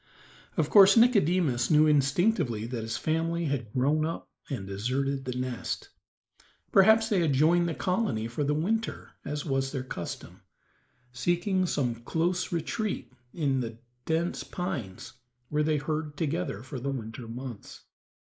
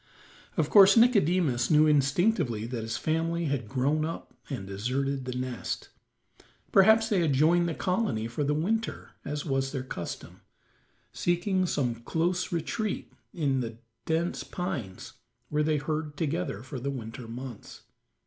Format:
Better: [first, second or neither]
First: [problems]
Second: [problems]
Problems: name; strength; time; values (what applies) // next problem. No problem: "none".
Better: second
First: noise reduction (neural mask model Resemble Enhance denoiser)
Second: none